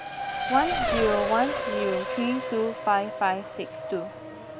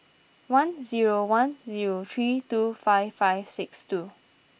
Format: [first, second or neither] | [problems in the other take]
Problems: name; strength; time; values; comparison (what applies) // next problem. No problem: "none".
second | background sound (Race car, auto racing); 2 dB below the speech